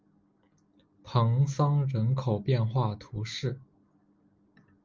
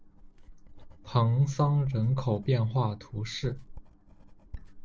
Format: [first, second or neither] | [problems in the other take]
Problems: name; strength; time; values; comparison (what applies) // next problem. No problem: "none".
first | background sound (Writing); 16 dB below the speech